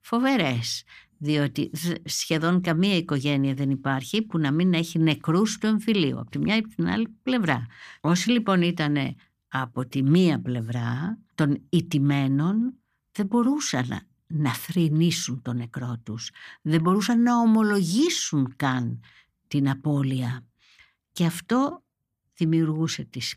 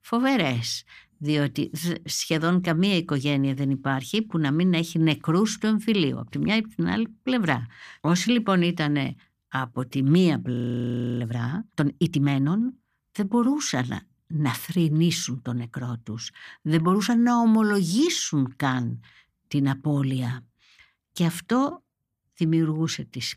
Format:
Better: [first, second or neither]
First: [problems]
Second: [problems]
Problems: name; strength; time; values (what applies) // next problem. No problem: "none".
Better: first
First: none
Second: audio freezing; at 11 s for 0.5 s